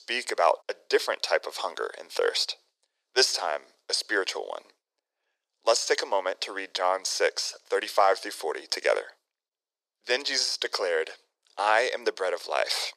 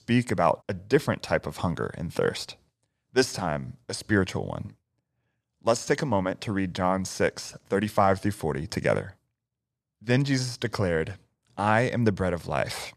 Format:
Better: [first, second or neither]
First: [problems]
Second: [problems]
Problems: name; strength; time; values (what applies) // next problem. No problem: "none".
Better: second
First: thin; very; fading below 400 Hz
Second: none